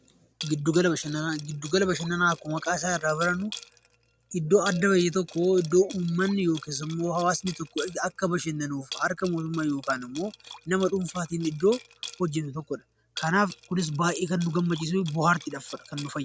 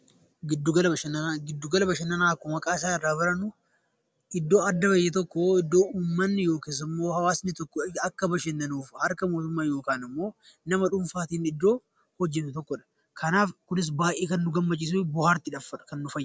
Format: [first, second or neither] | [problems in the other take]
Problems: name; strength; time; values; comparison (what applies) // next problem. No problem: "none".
second | background sound (Liquid); 18 dB below the speech